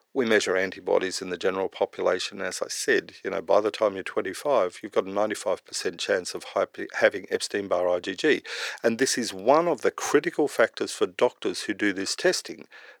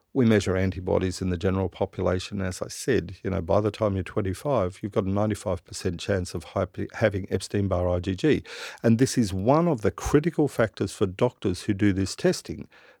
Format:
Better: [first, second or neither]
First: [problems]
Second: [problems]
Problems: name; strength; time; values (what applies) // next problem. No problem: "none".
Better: second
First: thin; somewhat; fading below 450 Hz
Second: none